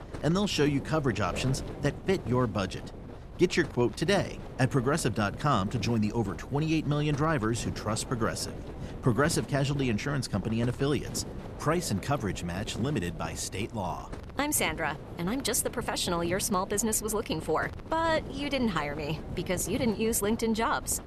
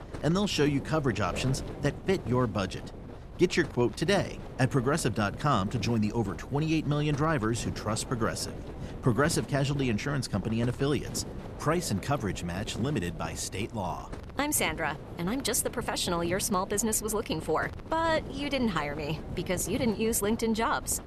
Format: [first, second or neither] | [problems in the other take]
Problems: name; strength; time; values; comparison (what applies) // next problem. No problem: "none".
neither | wind noise on the microphone; occasional gusts; 15 dB below the speech; the same in both